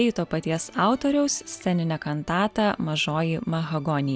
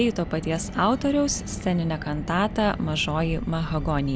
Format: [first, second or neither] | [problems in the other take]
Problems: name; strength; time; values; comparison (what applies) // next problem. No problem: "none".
first | background sound (Car); 9 dB below the speech